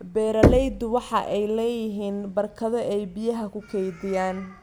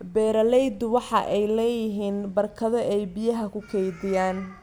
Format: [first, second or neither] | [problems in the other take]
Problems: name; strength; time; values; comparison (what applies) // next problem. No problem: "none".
second | background sound (Knock); 1 dB below the speech